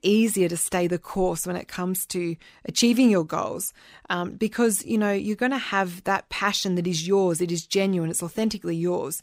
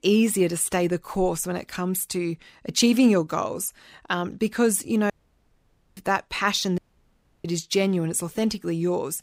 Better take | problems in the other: first | audio cutting out; at 5 s for 1 s and at 7 s for 0.5 s

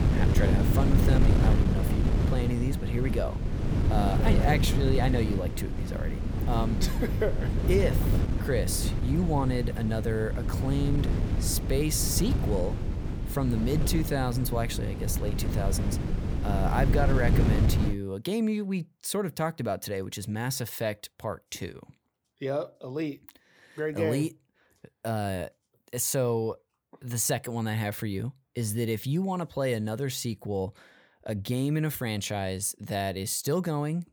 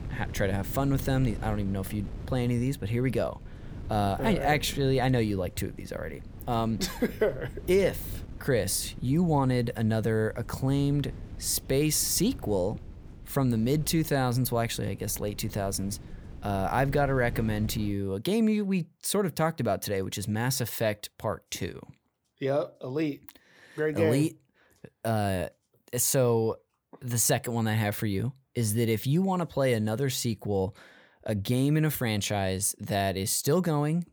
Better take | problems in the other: second | wind noise on the microphone; heavy; until 18 s; 5 dB below the speech; occasional gusts in the second

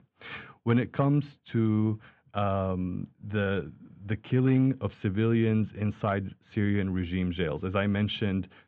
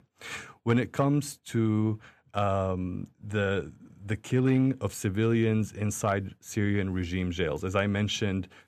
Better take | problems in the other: second | muffled; very; fading above 3.5 kHz

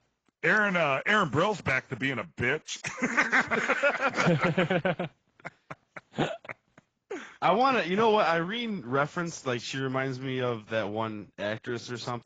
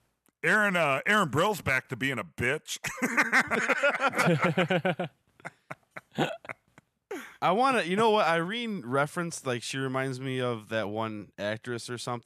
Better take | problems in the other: second | garbled, watery; badly; nothing above 7.5 kHz

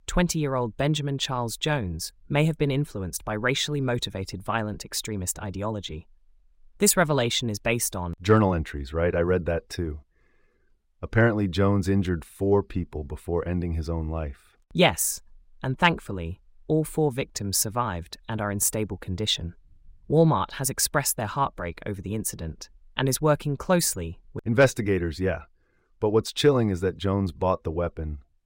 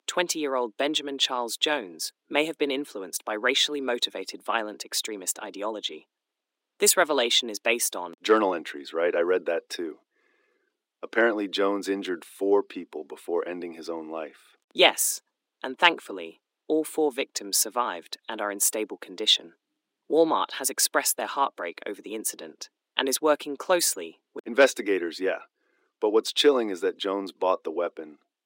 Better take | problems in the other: first | thin; somewhat; fading below 300 Hz

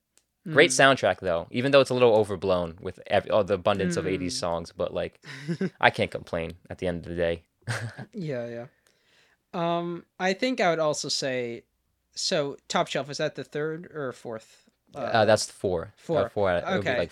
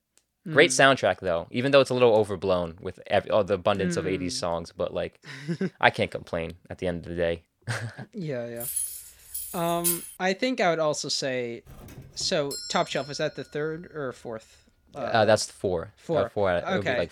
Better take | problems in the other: first | jangling keys; noticeable; from 8.5 to 10 s; peak level with the speech // doorbell; noticeable; from 12 to 13 s; peak 9 dB below the speech

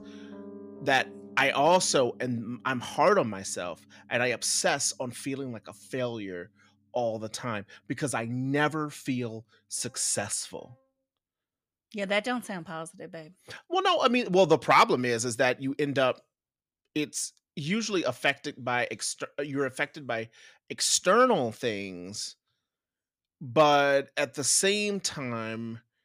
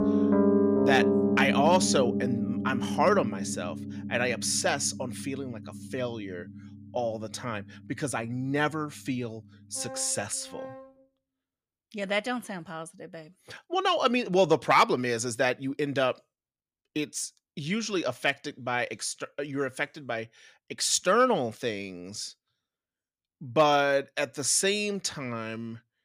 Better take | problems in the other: first | background music; loud; until 11 s; as loud as the speech; faint in the first

